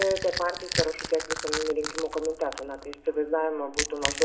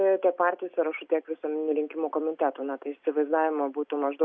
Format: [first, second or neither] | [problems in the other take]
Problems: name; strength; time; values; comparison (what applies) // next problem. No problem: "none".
second | background sound (Crack / Crushing); 5 dB below the speech // room echo; dies away in 0.7 s